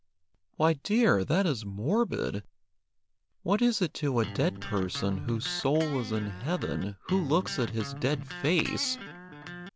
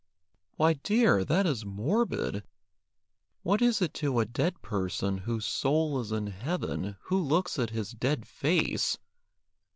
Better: second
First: background sound (Electric guitar); 11 dB below the speech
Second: none

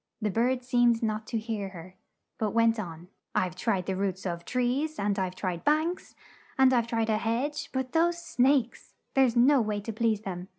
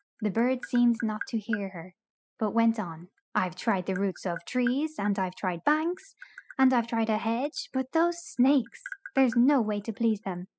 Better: first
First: none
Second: noise reduction (classical method spectral subtraction)

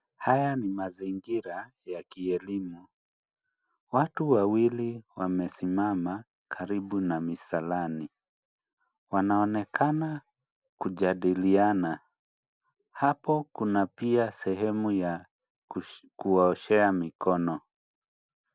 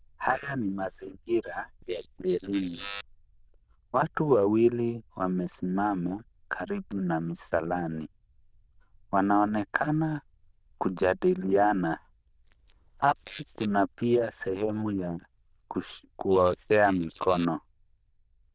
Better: first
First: none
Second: noise reduction (neural diffusion model UNIVERSE++)

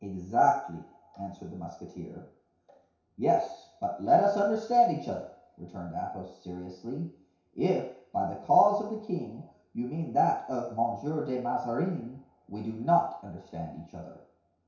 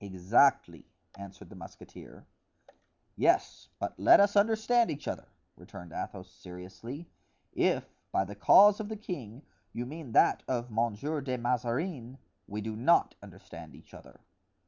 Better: second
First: room echo; dies away in 0.6 s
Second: none

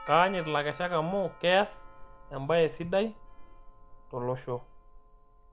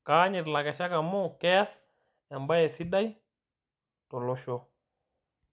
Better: second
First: background sound (Sliding door + Doorbell); 16 dB below the speech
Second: none

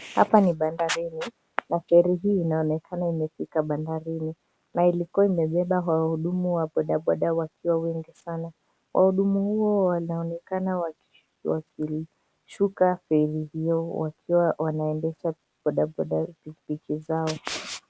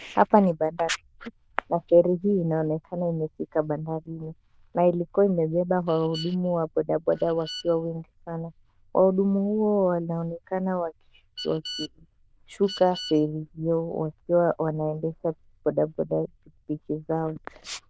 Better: first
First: none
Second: noise reduction (neural diffusion model UNIVERSE++)

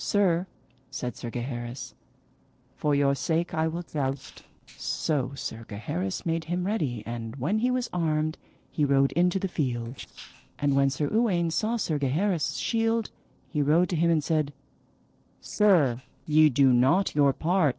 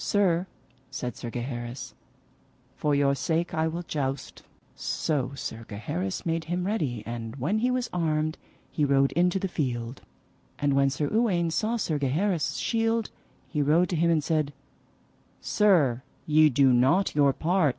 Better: second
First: noise reduction (neural separator model SepFormer DNS4)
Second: none

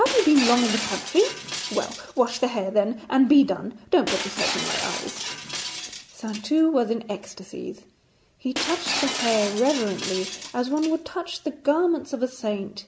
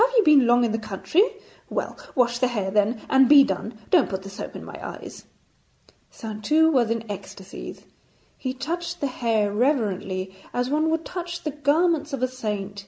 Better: second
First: background sound (Shatter); 8 dB below the speech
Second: none

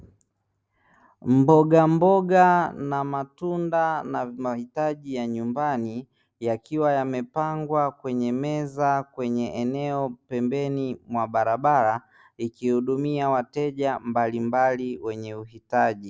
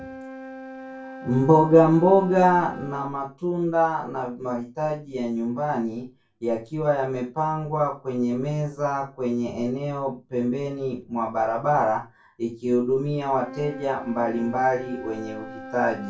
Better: first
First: none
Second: background sound (Wind instrument, woodwind instrument); 18 dB below the speech // room echo; dies away in 0.2 s

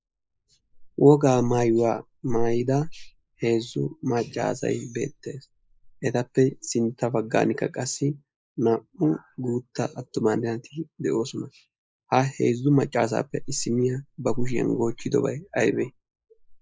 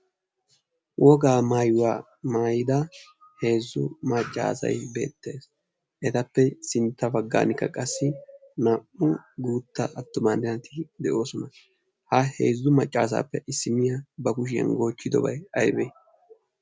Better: second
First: noise reduction (neural mask model Resemble Enhance denoiser)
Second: none

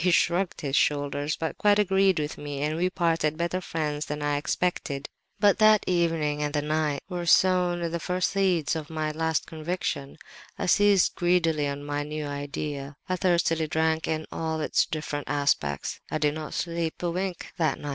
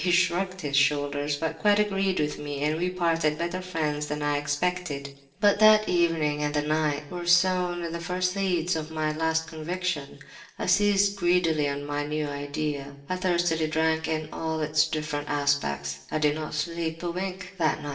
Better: first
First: none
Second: room echo; dies away in 0.6 s

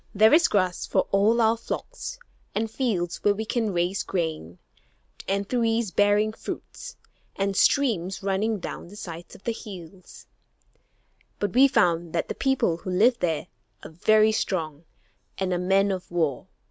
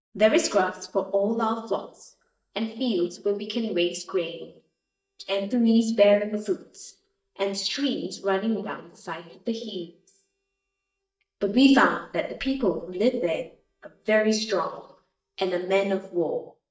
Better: first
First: none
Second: noise reduction (neural mask model DeepFilterNet 3)

